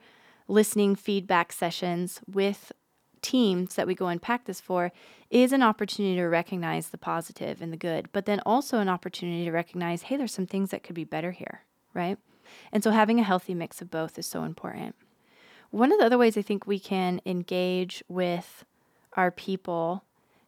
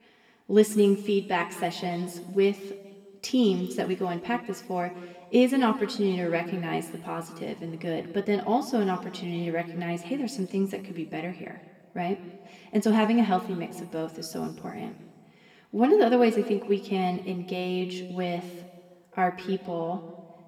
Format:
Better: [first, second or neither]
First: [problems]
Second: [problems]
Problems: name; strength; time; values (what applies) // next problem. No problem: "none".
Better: first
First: none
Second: room echo; slight; dies away in 1.6 s // off-mic speech; somewhat distant